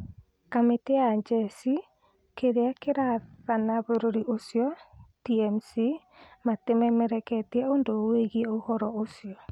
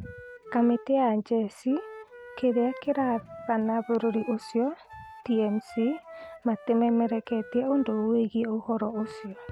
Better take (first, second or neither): first